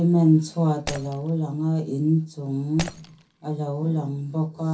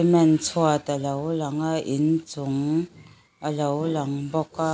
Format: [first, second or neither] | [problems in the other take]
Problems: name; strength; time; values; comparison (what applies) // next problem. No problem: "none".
second | background sound (Shatter); 16 dB below the speech // room echo; dies away in 0.3 s